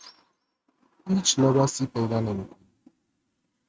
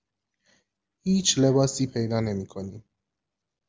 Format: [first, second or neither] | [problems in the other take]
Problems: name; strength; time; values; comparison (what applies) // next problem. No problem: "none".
second | noise reduction (neural mask model RNNoise)